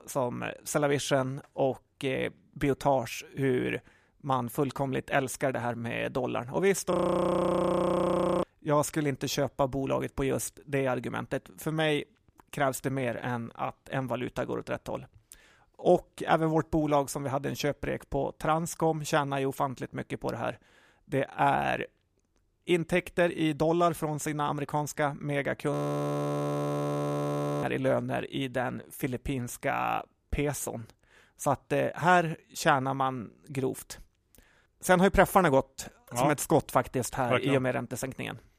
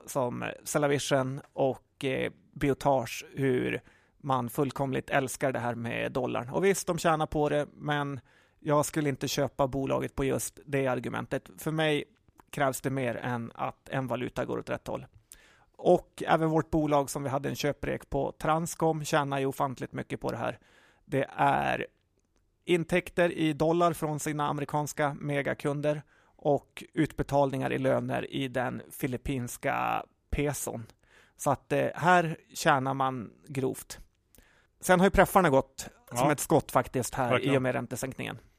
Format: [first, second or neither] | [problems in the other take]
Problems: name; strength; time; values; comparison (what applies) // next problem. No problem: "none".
second | audio freezing; at 7 s for 1.5 s and at 26 s for 2 s